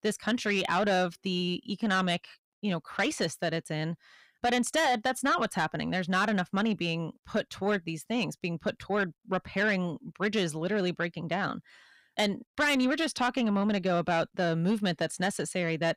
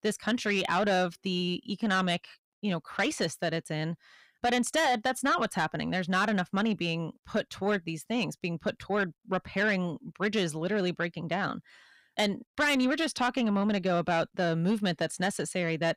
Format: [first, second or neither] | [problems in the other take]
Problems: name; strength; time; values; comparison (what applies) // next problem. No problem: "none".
neither | distortion; slight; 10 dB below the speech; the same in both